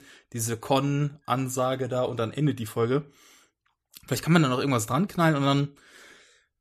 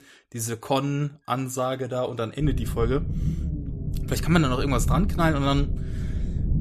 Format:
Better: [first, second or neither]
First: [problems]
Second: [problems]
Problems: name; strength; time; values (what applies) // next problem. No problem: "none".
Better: first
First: none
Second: low rumble; noticeable; from 2.5 s on; 15 dB below the speech